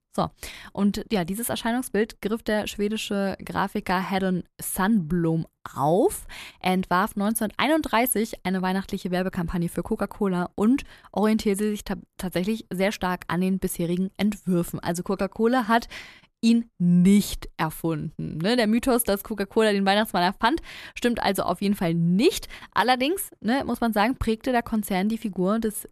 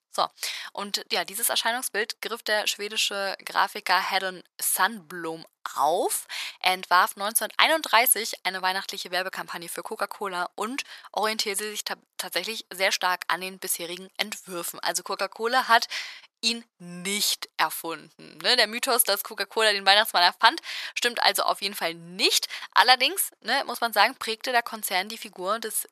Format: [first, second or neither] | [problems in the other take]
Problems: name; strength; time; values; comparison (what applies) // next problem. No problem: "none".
first | thin; very; fading below 800 Hz